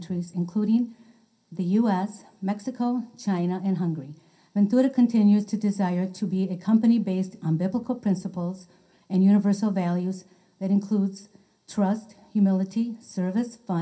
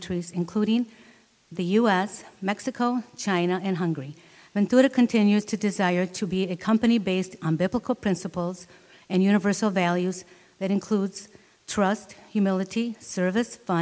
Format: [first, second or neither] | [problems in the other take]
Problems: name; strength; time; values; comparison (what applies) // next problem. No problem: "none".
second | room echo; dies away in 0.3 s